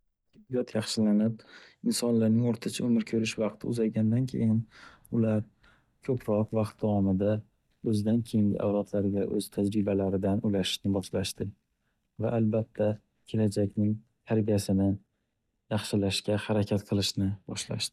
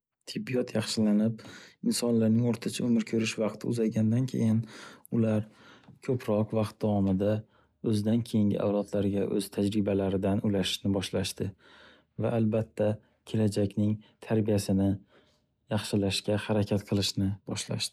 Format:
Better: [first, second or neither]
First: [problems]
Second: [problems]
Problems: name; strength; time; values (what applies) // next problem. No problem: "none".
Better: second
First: noise reduction (neural mask model DeepFilterNet 3)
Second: none